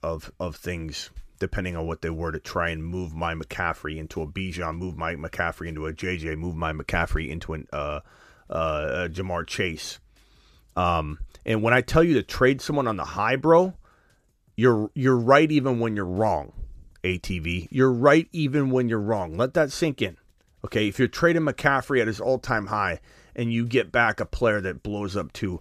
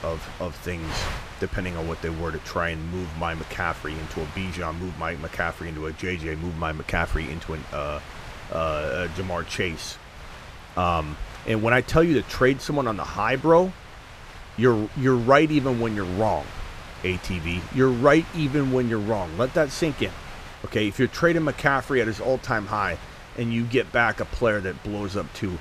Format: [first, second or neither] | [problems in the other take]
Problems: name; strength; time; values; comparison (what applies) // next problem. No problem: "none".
first | wind noise on the microphone; occasional gusts; 15 dB below the speech